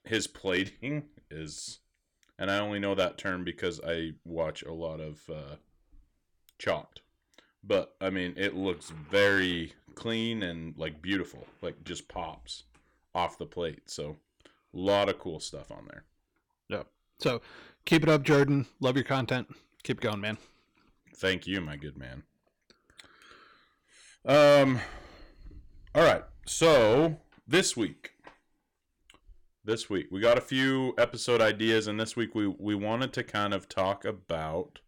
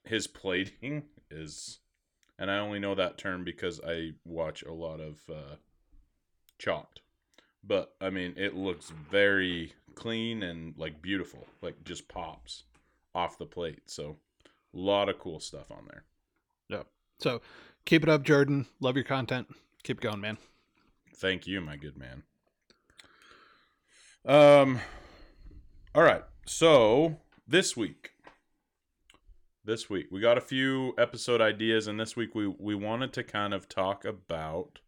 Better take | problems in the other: second | distortion; slight; 1.9% of the sound clipped

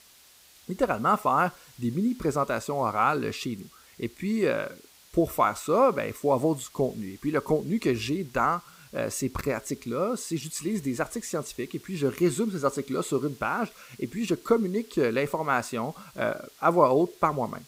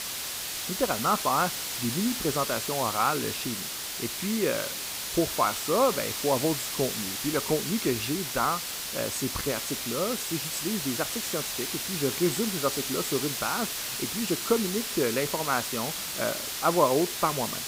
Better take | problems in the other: first | hiss; loud; throughout; 1 dB below the speech; faint in the first

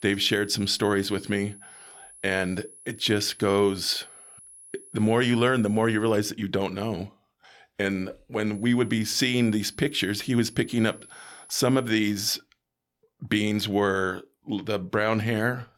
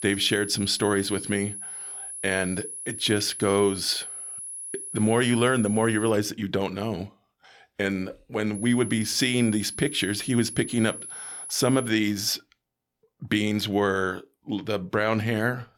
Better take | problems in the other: first | high-pitched whine; loud; until 6 s and from 8.5 to 12 s; 10.5 kHz, 9 dB below the speech; faint in the first

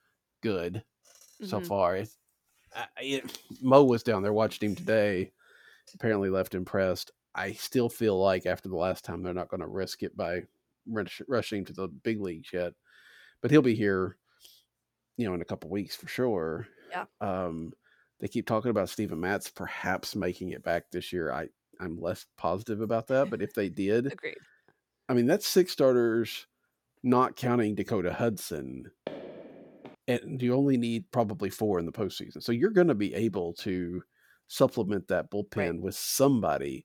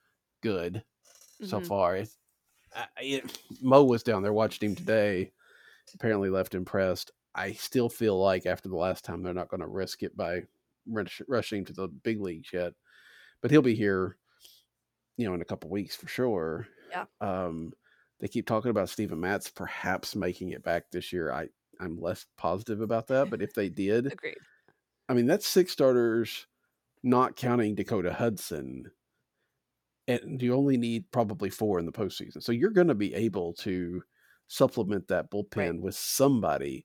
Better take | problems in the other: second | footsteps; faint; at 29 s; peak 10 dB below the speech

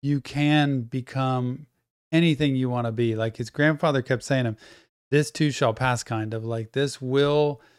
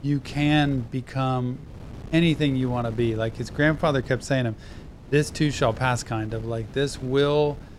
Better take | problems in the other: first | wind noise on the microphone; occasional gusts; 20 dB below the speech

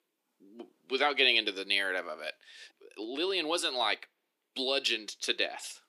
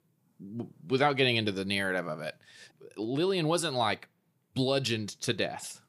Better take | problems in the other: second | thin; somewhat; fading below 300 Hz

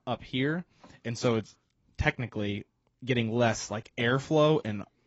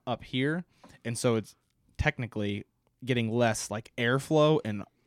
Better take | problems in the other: second | garbled, watery; badly; nothing above 7.5 kHz

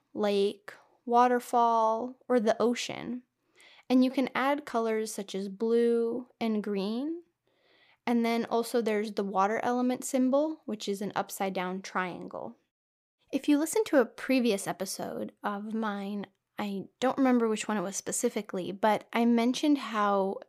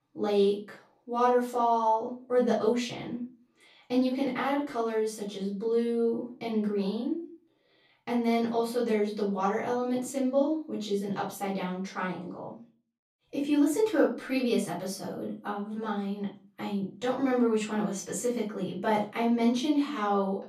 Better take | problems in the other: first | room echo; slight; dies away in 0.3 s // off-mic speech; far

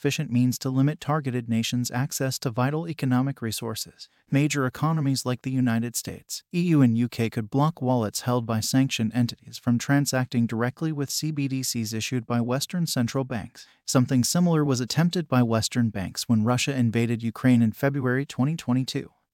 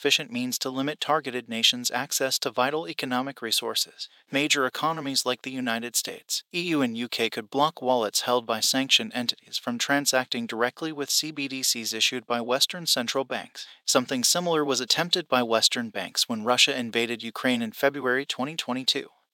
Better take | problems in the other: first | thin; somewhat; fading below 500 Hz

